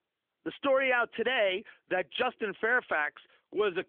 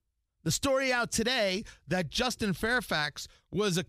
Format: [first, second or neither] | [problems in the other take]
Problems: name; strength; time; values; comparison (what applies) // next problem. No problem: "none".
second | phone-call audio; nothing above 3.5 kHz